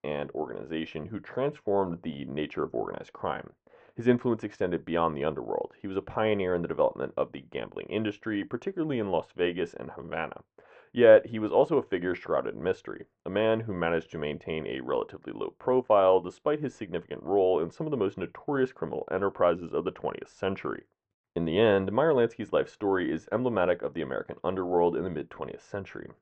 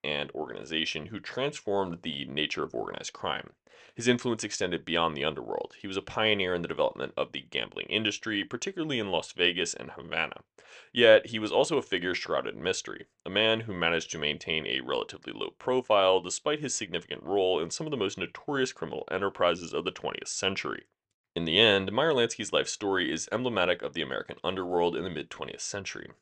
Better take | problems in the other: second | muffled; very; fading above 2.5 kHz

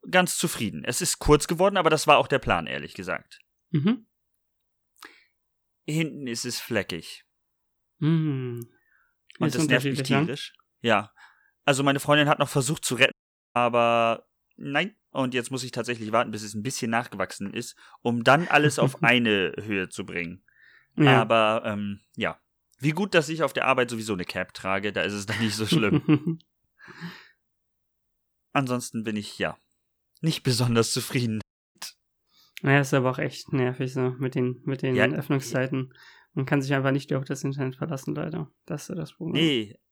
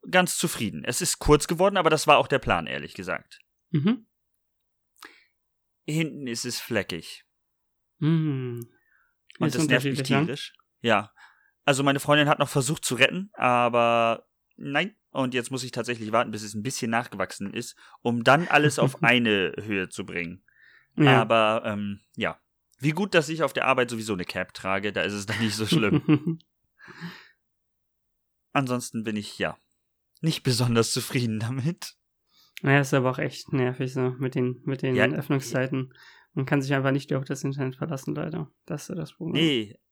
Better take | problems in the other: second | audio cutting out; at 13 s and at 31 s

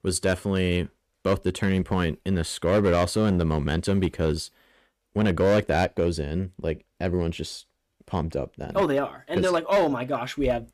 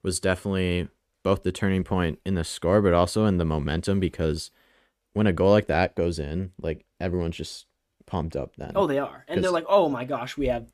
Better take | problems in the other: second | distortion; slight; 5% of the sound clipped

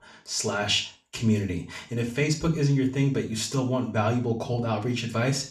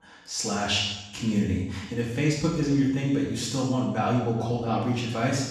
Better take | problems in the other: first | room echo; strong; dies away in 0.9 s; slight in the first // off-mic speech; far; far in the first

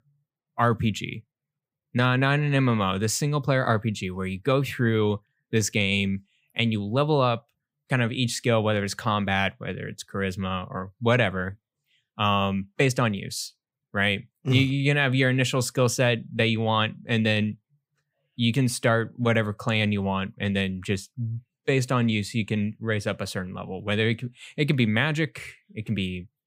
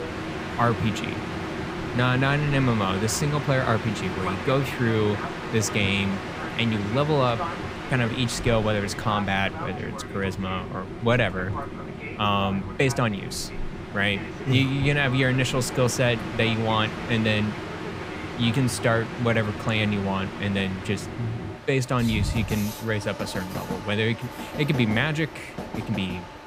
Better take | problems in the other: first | train or aircraft noise; loud; throughout; 8 dB below the speech

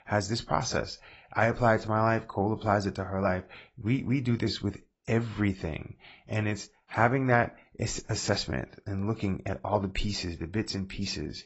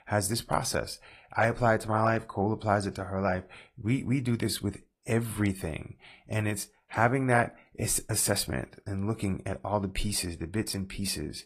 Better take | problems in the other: second | garbled, watery; badly; nothing above 7.5 kHz; slightly in the second

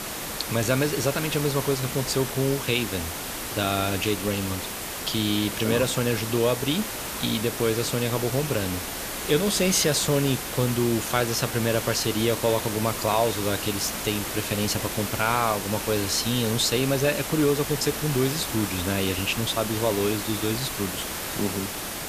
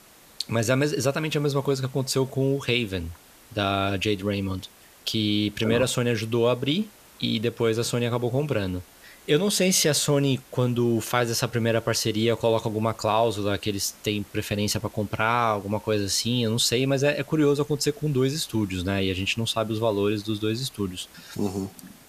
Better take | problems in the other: second | hiss; loud; throughout; 5 dB below the speech; faint in the second

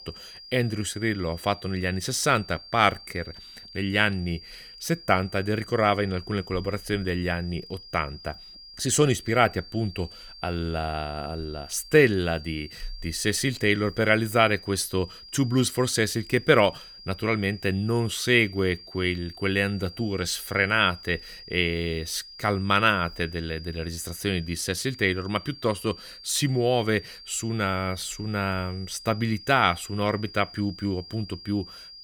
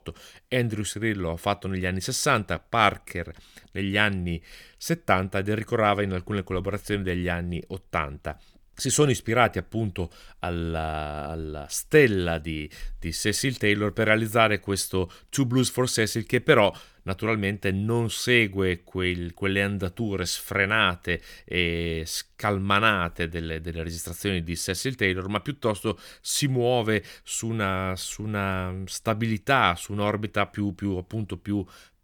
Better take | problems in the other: second | high-pitched whine; noticeable; throughout; 5 kHz, 15 dB below the speech

